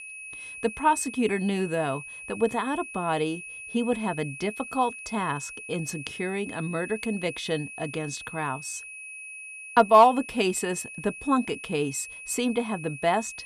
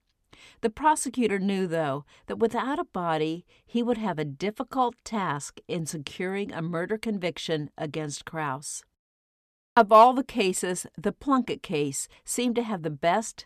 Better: second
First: high-pitched whine; noticeable; throughout; 2.5 kHz, 10 dB below the speech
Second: none

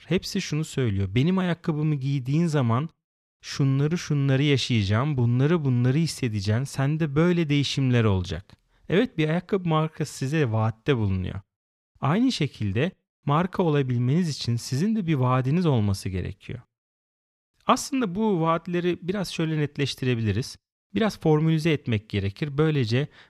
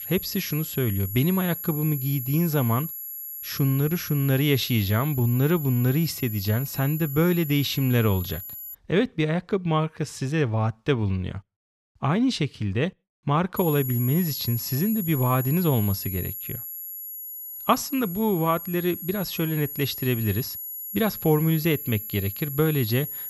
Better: first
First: none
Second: high-pitched whine; loud; until 8.5 s and from 14 s on; 11.5 kHz, 8 dB below the speech

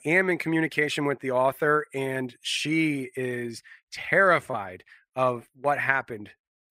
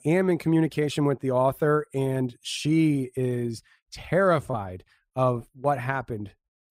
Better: second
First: thin; somewhat; fading below 400 Hz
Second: none

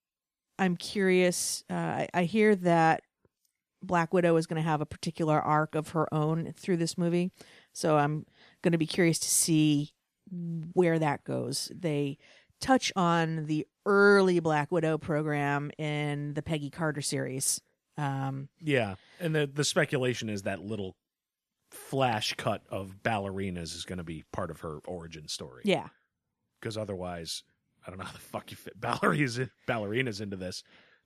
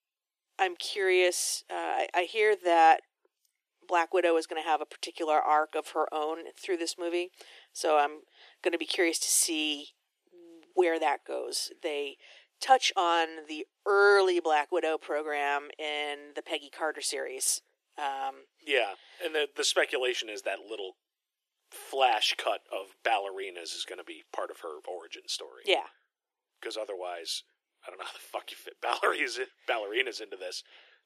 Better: first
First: none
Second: thin; very; fading below 350 Hz

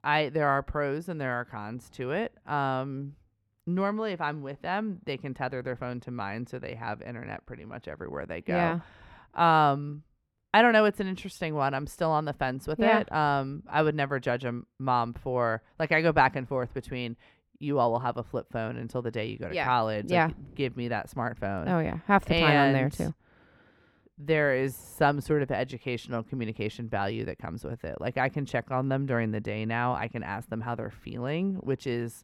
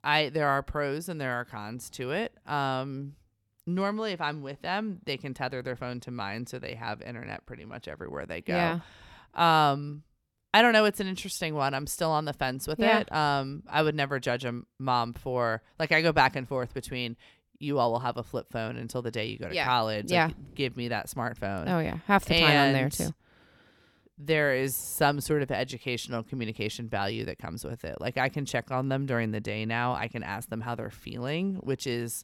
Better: second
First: muffled; slightly; fading above 3 kHz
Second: none

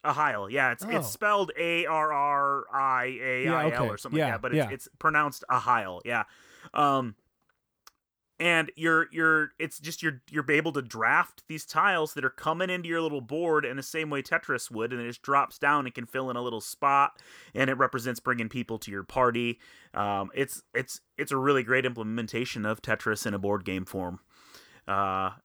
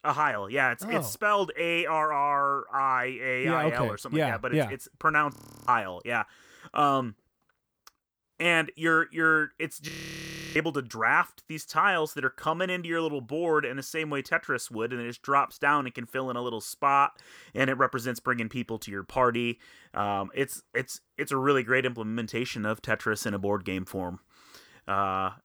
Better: first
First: none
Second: audio freezing; at 5.5 s and at 10 s for 0.5 s

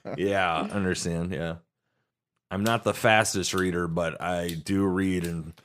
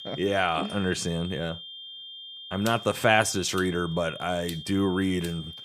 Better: first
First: none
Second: high-pitched whine; noticeable; throughout; 3 kHz, 10 dB below the speech

